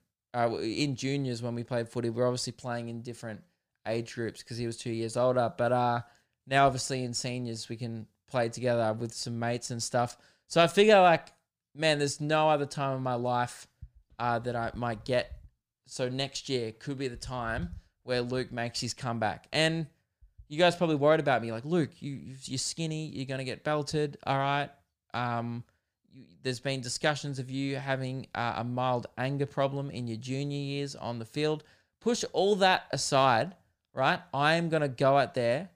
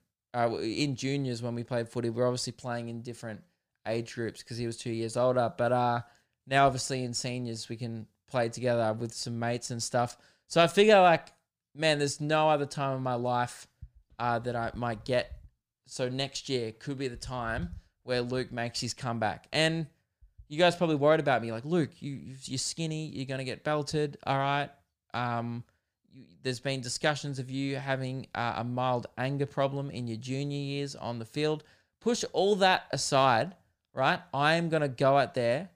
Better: neither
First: none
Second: none

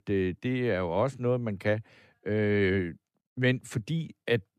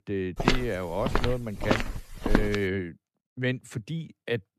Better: first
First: none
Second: footsteps; loud; until 2.5 s; peak 4 dB above the speech

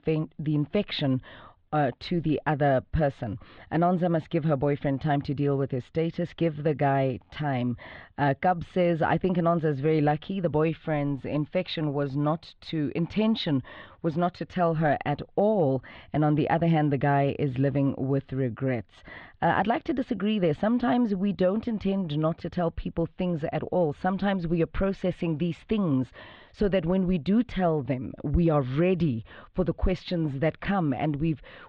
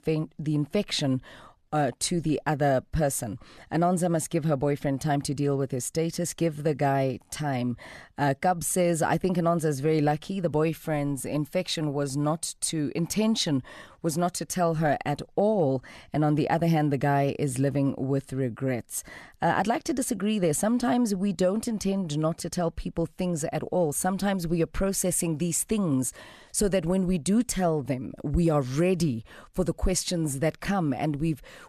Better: second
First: muffled; very; fading above 3.5 kHz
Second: none

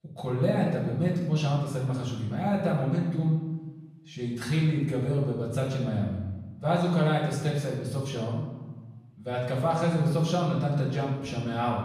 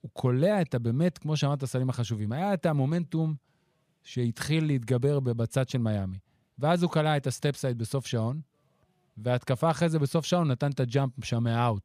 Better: second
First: room echo; noticeable; dies away in 1 s // off-mic speech; far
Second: none

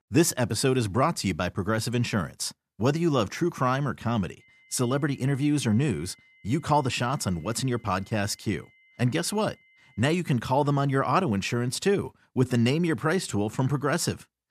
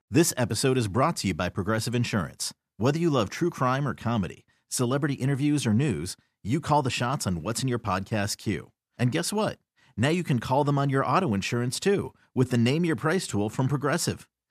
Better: second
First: high-pitched whine; faint; from 4.5 to 10 s; 2 kHz, 30 dB below the speech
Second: none

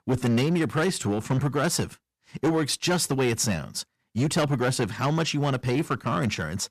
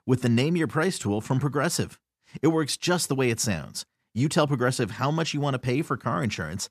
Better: second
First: distortion; slight; 9% of the sound clipped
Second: none

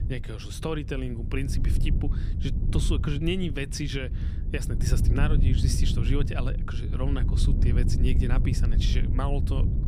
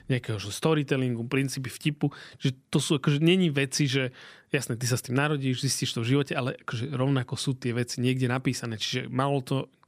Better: second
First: wind noise on the microphone; heavy; 6 dB below the speech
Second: none

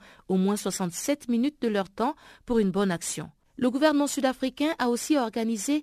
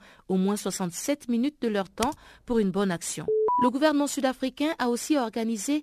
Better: first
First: none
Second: keyboard typing; noticeable; at 2 s; peak 9 dB below the speech // alarm; loud; at 3.5 s; peak 3 dB above the speech

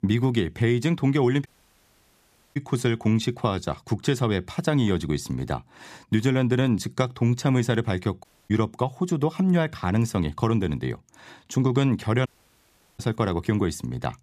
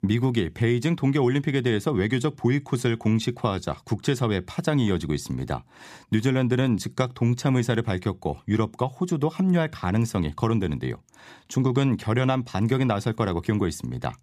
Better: second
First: audio cutting out; at 1.5 s for 1 s, at 8 s and at 12 s for 0.5 s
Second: none

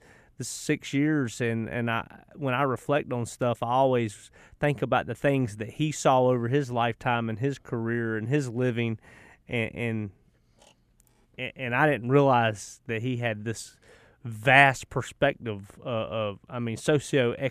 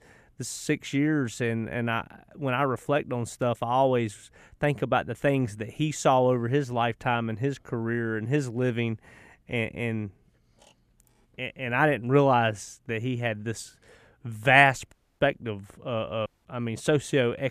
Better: first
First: none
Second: audio cutting out; at 15 s and at 16 s

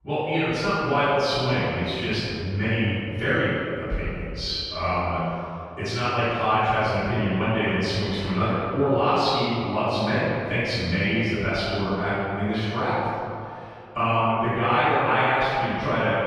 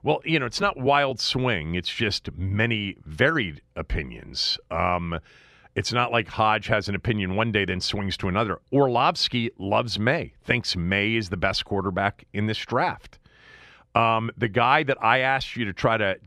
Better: second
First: room echo; strong; dies away in 2.3 s // off-mic speech; far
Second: none

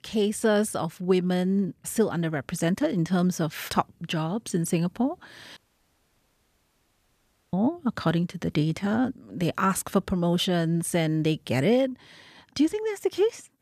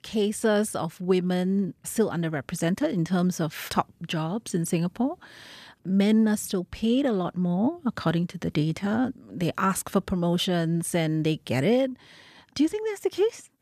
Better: second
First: audio cutting out; at 5.5 s for 2 s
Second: none

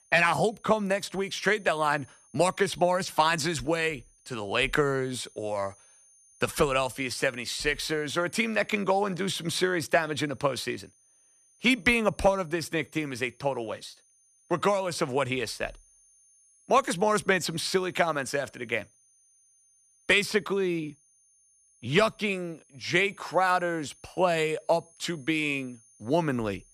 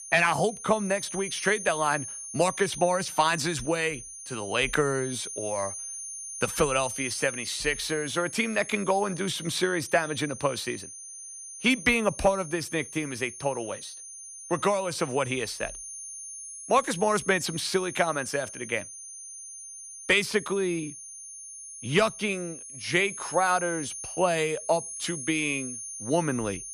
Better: first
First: high-pitched whine; faint; throughout; 9.5 kHz, 30 dB below the speech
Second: high-pitched whine; loud; throughout; 9.5 kHz, 10 dB below the speech

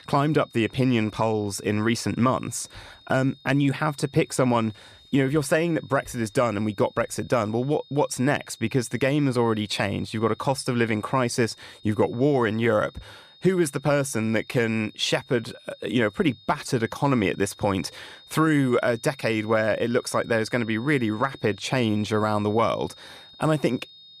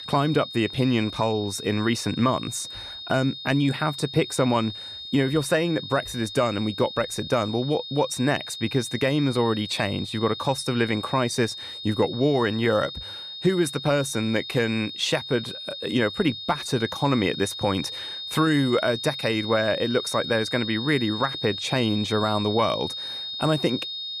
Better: first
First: high-pitched whine; faint; throughout; 3.5 kHz, 25 dB below the speech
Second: high-pitched whine; loud; throughout; 3.5 kHz, 8 dB below the speech

